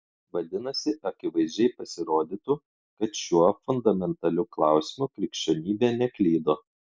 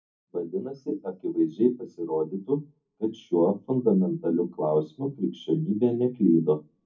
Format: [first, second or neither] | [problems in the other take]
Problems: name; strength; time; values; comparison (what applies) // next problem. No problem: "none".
first | room echo; dies away in 0.3 s